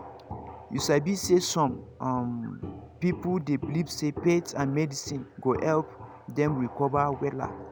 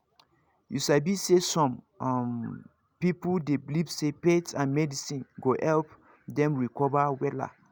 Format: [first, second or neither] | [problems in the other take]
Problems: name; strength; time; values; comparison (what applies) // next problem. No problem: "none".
second | background sound (Walk, footsteps); 13 dB below the speech